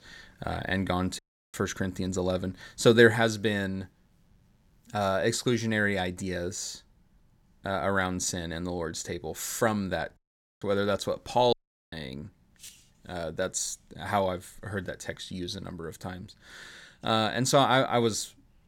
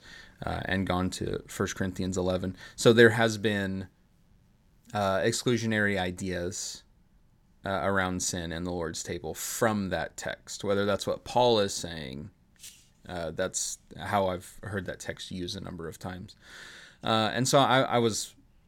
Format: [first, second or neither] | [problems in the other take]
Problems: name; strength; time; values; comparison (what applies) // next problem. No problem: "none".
second | audio cutting out; at 1 s, at 10 s and at 12 s